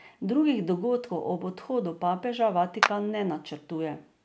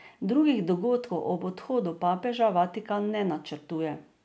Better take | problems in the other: second | background sound (Clapping); 4 dB below the speech

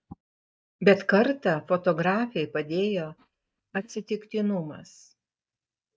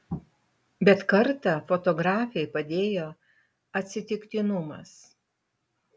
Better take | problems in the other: second | noise reduction (neural mask model DeepFilterNet 3)

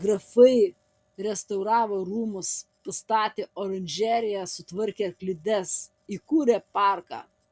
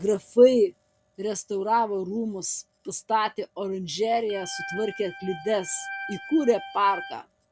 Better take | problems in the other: first | background sound (Organ); 12 dB below the speech

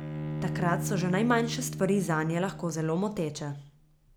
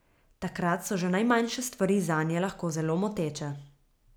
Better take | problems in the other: second | background sound (Bowed string instrument); 7 dB below the speech

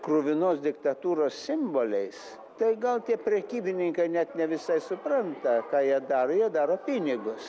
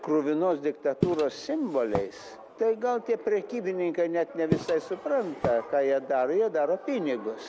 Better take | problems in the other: first | background sound (Walk, footsteps); 8 dB below the speech

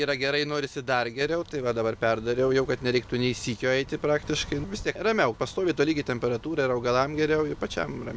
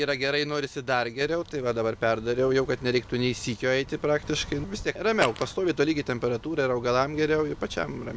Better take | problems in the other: first | background sound (Fart); 6 dB below the speech

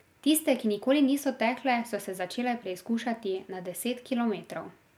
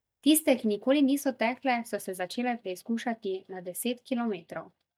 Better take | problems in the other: first | noise reduction (neural mask model DeepFilterNet 3)

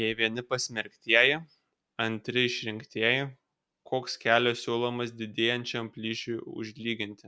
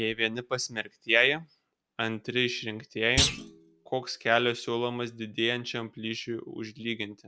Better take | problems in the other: first | background sound (Thump, thud); 2 dB below the speech

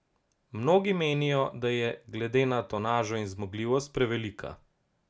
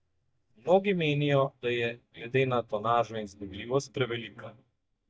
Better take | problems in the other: first | noise reduction (neural mask model DeepFilterNet 3)

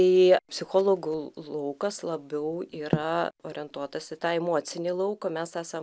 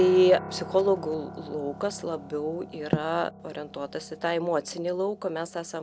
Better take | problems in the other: first | background sound (Piano); 15 dB below the speech

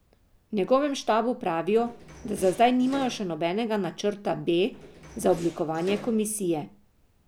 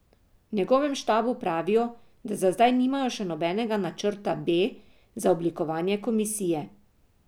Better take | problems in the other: second | background sound (Door); 17 dB below the speech

